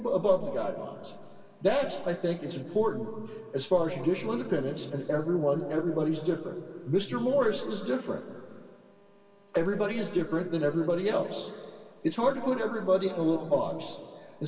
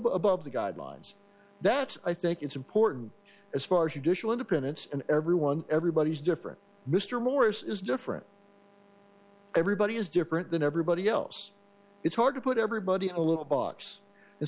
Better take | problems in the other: second | room echo; dies away in 2.2 s

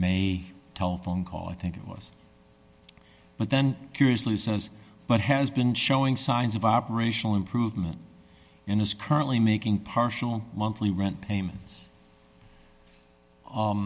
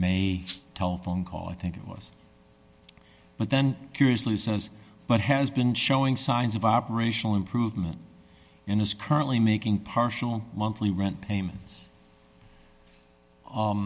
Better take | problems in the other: first | background sound (Rattle (instrument)); 16 dB below the speech

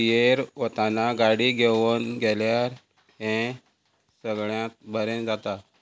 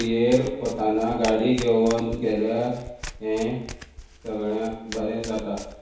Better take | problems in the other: first | background sound (Domestic sounds, home sounds); 15 dB below the speech // room echo; dies away in 2.2 s

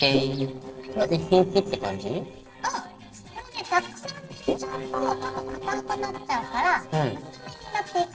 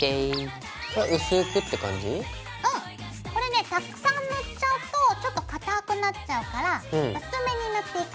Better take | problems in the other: second | noise reduction (neural separator model SepFormer DNS4)

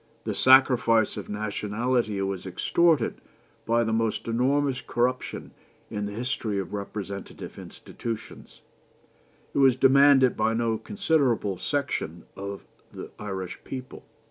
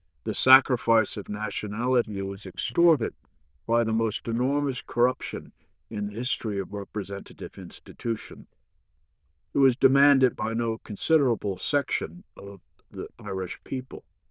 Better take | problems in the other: first | noise reduction (neural diffusion model UNIVERSE++)

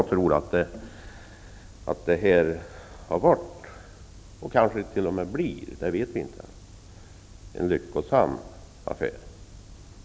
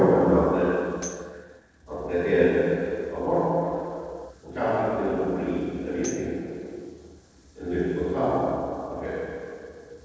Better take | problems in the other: first | noise reduction (neural separator model SepFormer DNS4)

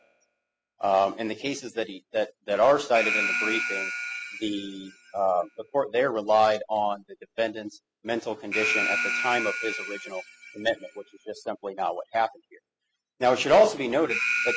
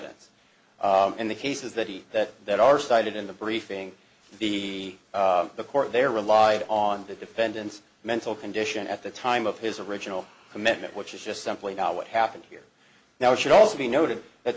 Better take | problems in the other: second | noise reduction (classical method spectral subtraction)

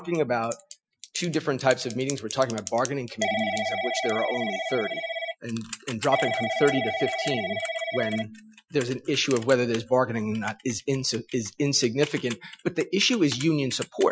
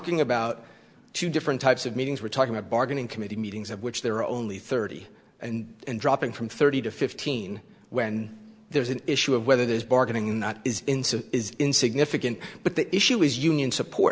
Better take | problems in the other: second | noise reduction (classical method Wiener filter)

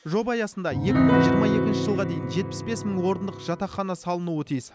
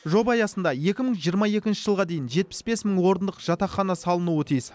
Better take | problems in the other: second | background sound (Piano); 3 dB above the speech

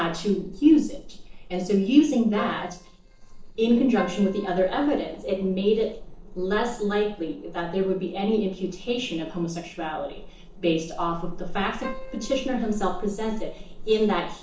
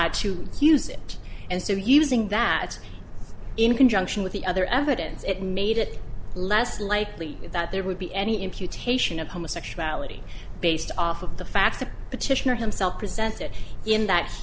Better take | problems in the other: second | noise reduction (neural separator model SepFormer DNS4)

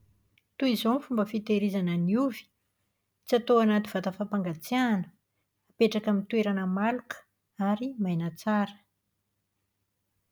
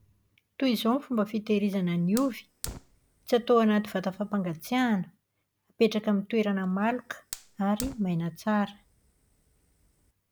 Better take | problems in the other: first | background sound (Fire); 18 dB below the speech

